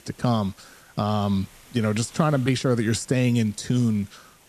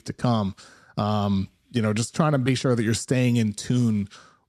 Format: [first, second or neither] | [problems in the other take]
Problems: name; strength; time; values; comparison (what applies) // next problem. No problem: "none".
second | hiss; faint; throughout; 25 dB below the speech